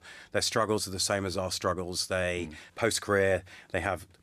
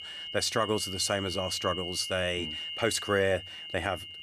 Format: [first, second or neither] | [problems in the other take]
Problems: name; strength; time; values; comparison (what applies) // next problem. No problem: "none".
first | high-pitched whine; loud; throughout; 3 kHz, 6 dB below the speech